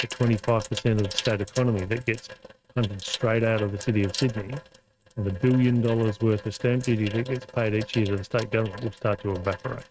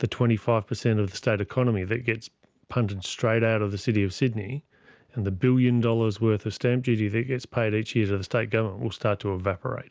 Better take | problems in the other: second | noise reduction (neural mask model RNNoise)

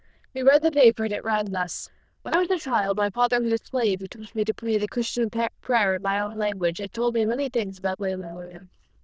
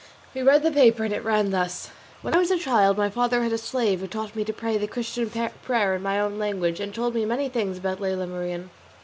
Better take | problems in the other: second | noise reduction (neural diffusion model UNIVERSE++)

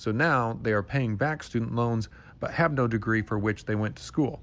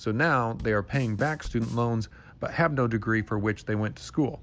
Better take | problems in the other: first | background sound (Bass drum / Snare drum / Drum kit); 16 dB below the speech

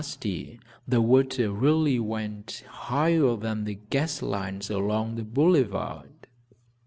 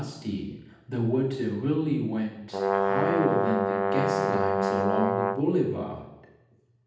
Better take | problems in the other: first | background sound (Brass instrument); 3 dB above the speech // room echo; dies away in 0.8 s

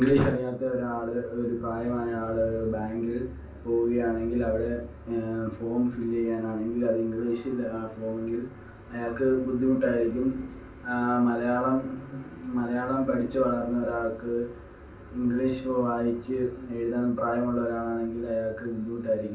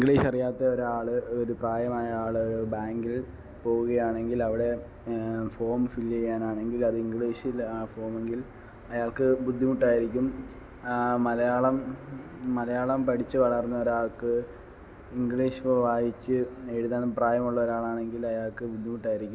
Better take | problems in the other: second | room echo; dies away in 0.2 s

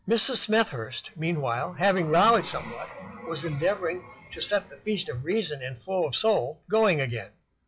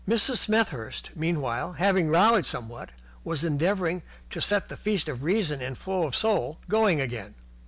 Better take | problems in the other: second | noise reduction (classical method WPE with log-MMSE)

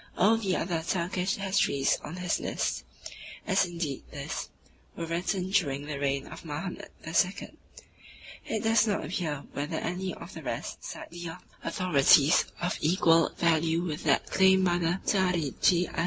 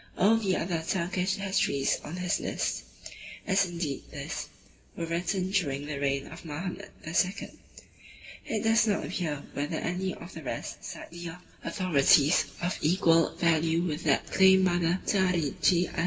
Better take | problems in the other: first | room echo; dies away in 1.3 s

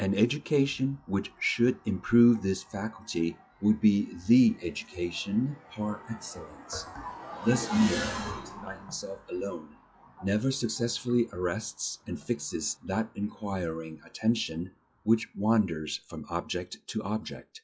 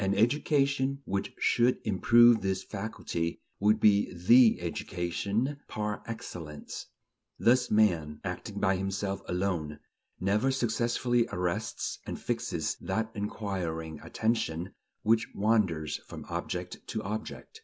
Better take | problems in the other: second | noise reduction (classical method log-MMSE)

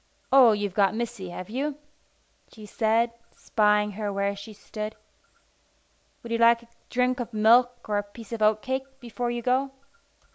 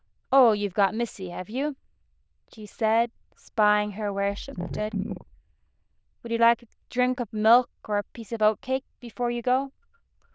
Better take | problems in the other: first | noise reduction (neural diffusion model UNIVERSE++)

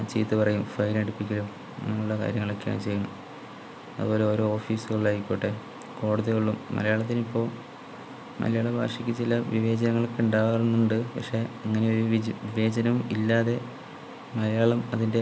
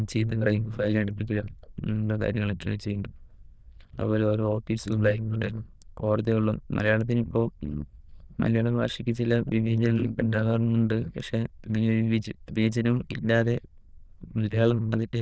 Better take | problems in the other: first | noise reduction (neural diffusion model UNIVERSE++)

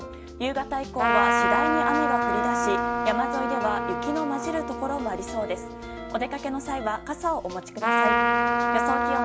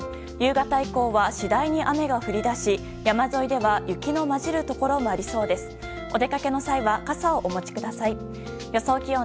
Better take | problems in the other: second | background sound (Trumpet); 3 dB above the speech // room echo; dies away in 0.5 s

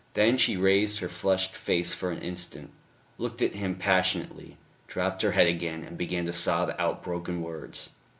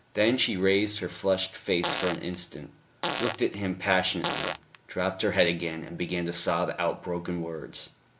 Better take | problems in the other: first | background sound (Fart); 5 dB below the speech

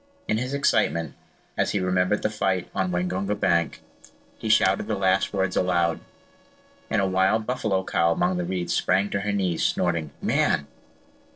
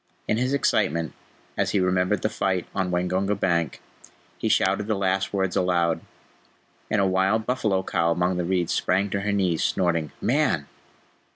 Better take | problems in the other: second | noise reduction (neural separator model SepFormer DNS4)

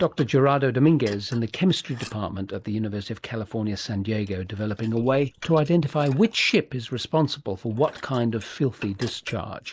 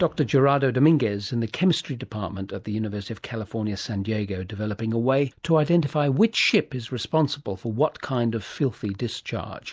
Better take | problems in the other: second | noise reduction (neural mask model Resemble Enhance denoiser)

